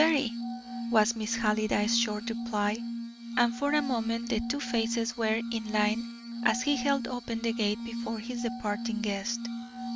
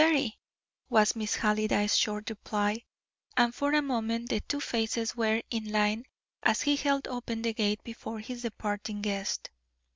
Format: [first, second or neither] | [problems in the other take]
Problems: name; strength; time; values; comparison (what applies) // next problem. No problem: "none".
second | background sound (Glass); 5 dB below the speech